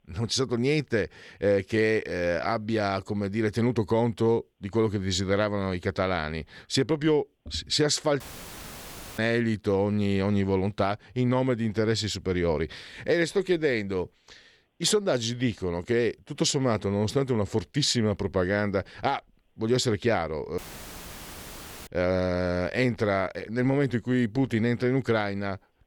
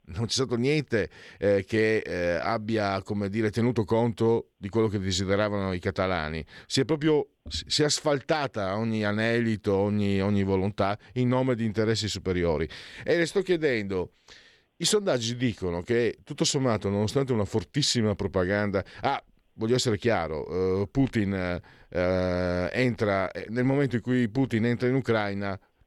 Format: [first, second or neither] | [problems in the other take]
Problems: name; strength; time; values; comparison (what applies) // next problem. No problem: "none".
second | audio cutting out; filled with static; at 8 s for 1 s and at 21 s for 1.5 s